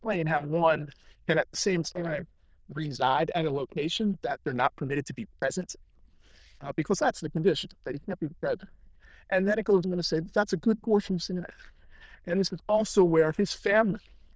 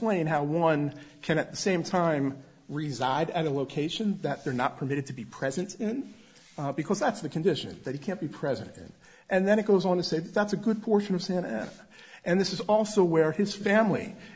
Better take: second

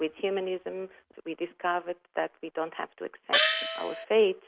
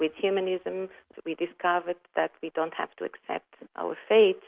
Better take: second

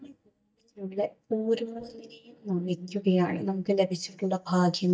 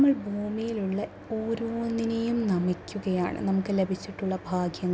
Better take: second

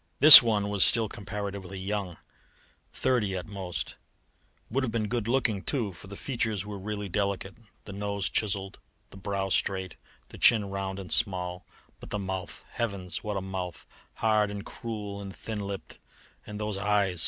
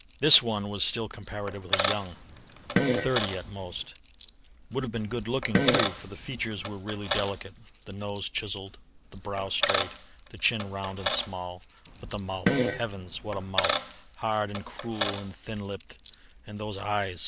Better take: first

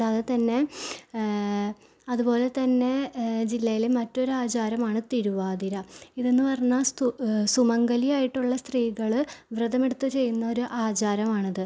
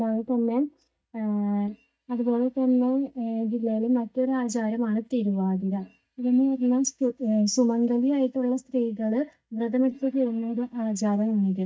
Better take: first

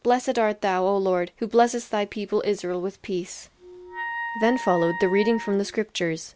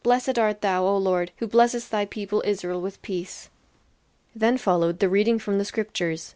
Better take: second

